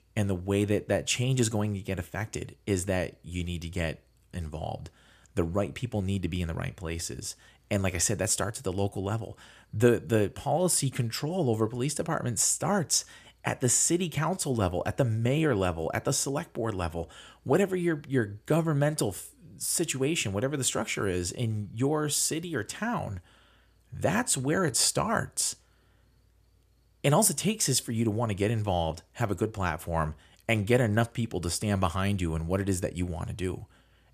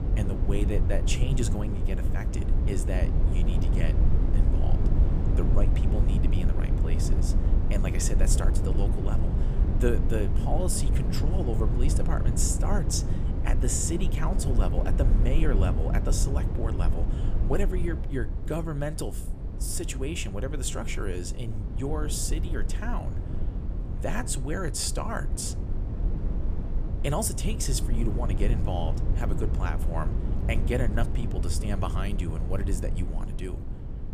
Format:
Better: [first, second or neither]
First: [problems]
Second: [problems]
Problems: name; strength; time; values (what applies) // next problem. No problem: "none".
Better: first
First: none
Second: low rumble; loud; throughout; 6 dB below the speech